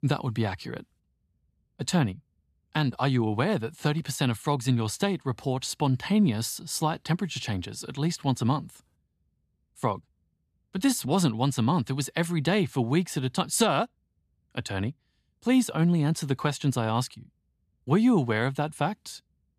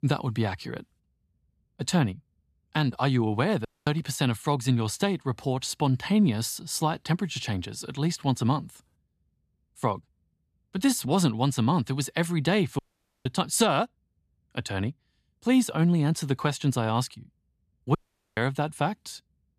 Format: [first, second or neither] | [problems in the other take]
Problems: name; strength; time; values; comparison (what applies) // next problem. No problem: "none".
first | audio cutting out; at 3.5 s, at 13 s and at 18 s